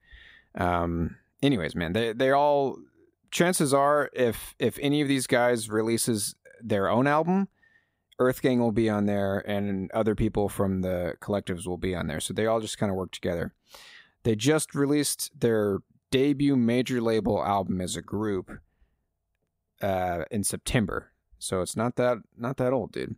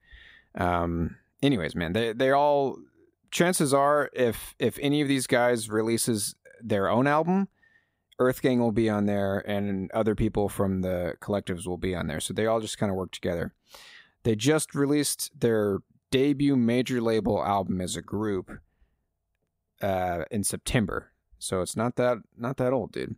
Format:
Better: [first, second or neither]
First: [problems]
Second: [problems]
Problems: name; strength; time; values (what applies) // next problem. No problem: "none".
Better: neither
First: none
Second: none